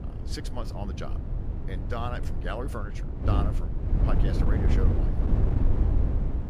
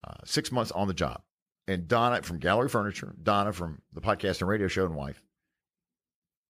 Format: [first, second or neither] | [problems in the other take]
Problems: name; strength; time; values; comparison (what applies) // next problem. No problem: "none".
second | wind noise on the microphone; heavy; 2 dB below the speech